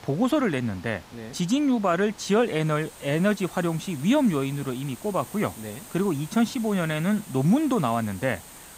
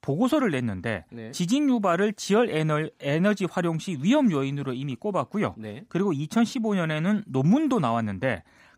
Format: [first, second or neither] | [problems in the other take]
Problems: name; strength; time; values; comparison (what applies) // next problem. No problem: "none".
second | hiss; noticeable; throughout; 20 dB below the speech